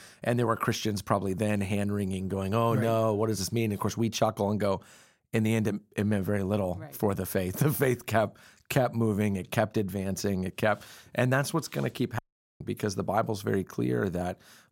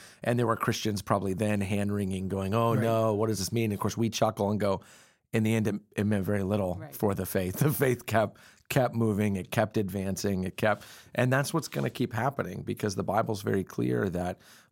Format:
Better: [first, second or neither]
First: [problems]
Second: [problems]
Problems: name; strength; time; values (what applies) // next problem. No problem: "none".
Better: second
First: audio cutting out; at 12 s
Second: none